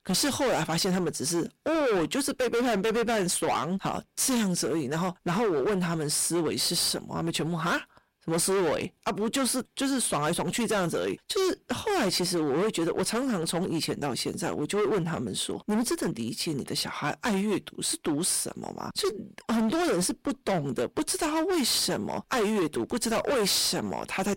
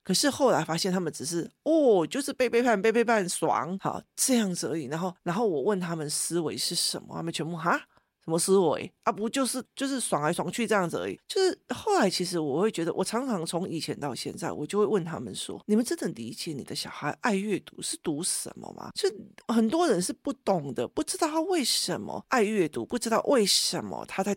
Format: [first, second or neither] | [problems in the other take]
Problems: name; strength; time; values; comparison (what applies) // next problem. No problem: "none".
second | distortion; heavy; 22% of the sound clipped